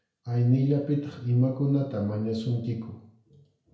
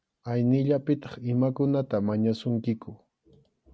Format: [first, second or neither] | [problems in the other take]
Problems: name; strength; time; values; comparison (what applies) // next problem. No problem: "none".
second | room echo; dies away in 0.5 s